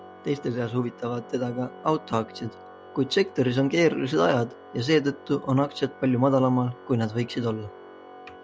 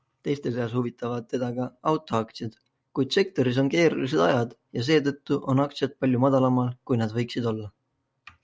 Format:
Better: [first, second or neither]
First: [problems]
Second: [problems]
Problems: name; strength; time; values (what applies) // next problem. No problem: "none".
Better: second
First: background sound (Organ); 19 dB below the speech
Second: none